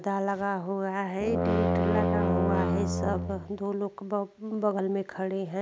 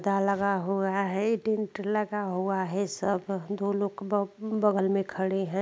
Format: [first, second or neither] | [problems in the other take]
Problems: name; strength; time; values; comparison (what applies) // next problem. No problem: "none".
second | background sound (Brass instrument); 2 dB above the speech